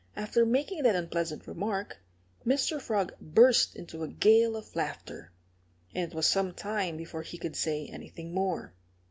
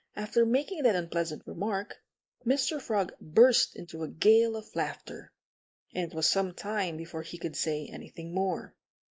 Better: first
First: none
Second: noise reduction (neural mask model Resemble Enhance denoiser)

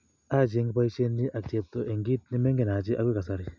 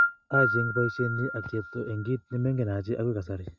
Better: first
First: none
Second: noise reduction (neural mask model RNNoise)

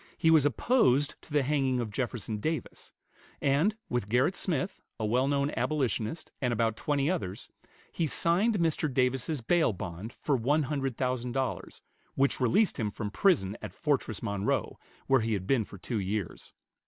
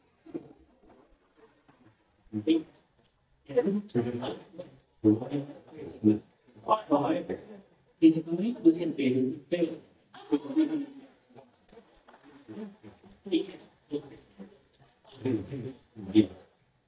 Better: first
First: none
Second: noise reduction (neural mask model DeepFilterNet 3)

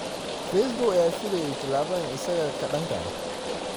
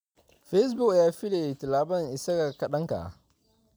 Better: second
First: background sound (Rain); 5 dB below the speech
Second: none

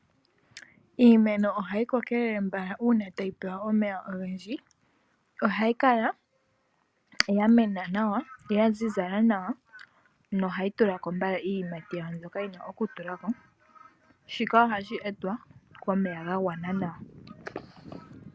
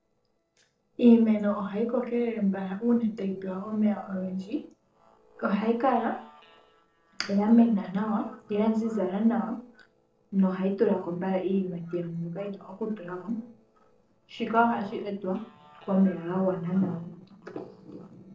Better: first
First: none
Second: noise reduction (neural separator model SepFormer DNS4)

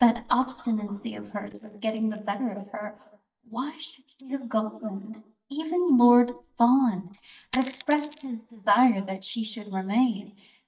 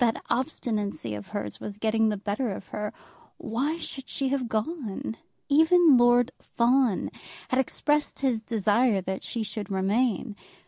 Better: second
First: noise reduction (neural mask model DeepFilterNet 3)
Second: none

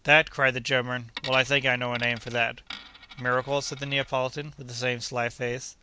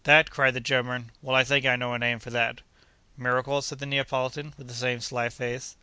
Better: second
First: background sound (Coin (dropping)); 16 dB below the speech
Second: none

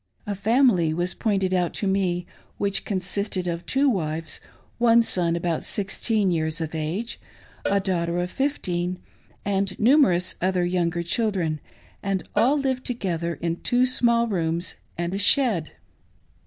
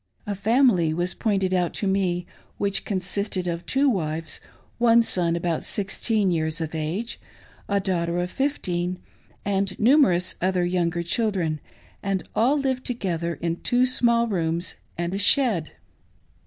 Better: second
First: background sound (Cowbell); 15 dB below the speech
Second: none

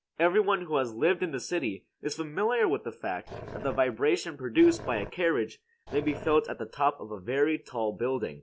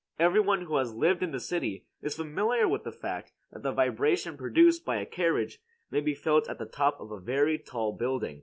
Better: second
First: background sound (Growling); 14 dB below the speech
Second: none

